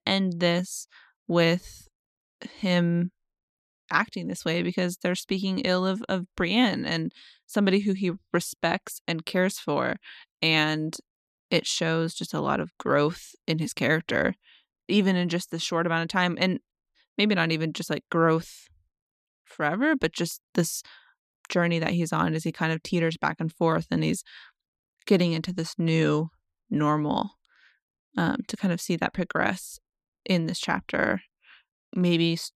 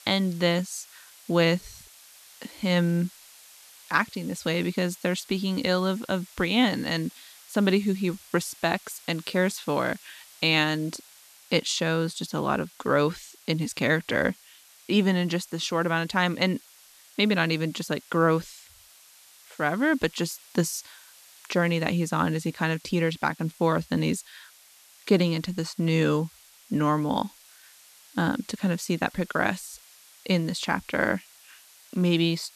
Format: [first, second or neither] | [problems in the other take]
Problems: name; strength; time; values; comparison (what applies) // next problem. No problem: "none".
first | hiss; faint; throughout; 25 dB below the speech